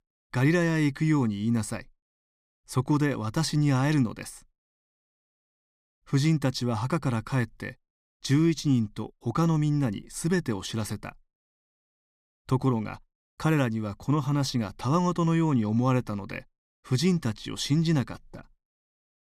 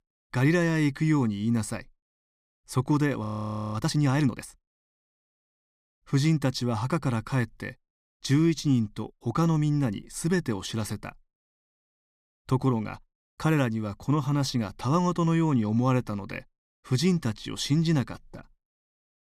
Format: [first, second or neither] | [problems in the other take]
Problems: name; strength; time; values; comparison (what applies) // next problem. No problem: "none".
first | audio freezing; at 3 s for 0.5 s